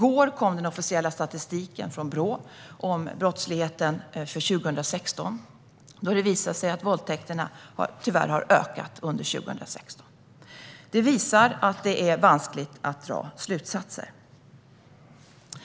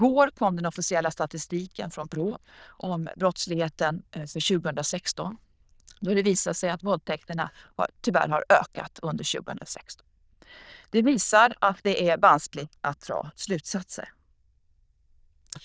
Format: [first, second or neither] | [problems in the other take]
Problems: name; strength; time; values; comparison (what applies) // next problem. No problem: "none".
first | noise reduction (neural diffusion model UNIVERSE++)